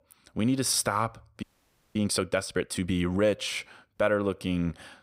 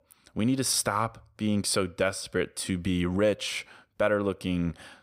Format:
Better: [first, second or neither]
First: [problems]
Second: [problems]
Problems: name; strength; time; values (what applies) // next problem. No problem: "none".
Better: second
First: audio freezing; at 1.5 s for 0.5 s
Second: none